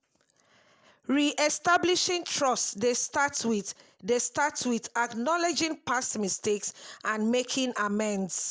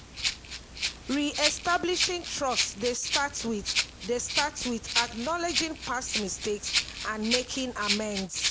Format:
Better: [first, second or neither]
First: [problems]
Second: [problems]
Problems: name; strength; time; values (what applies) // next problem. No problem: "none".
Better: first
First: none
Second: background sound (Rattle (instrument)); 1 dB below the speech